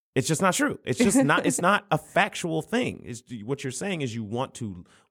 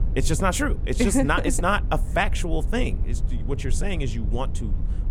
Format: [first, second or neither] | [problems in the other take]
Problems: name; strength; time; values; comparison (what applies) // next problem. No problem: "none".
first | low rumble; noticeable; throughout; 20 dB below the speech